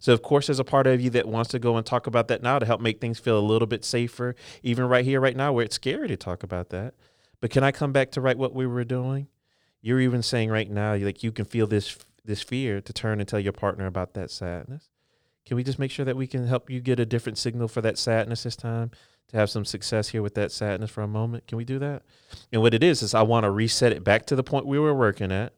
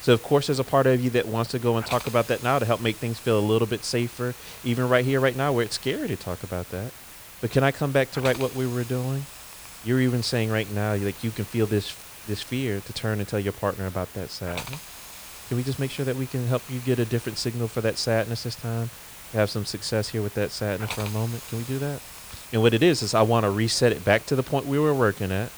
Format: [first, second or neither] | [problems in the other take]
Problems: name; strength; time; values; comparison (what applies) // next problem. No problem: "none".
first | hiss; noticeable; throughout; 15 dB below the speech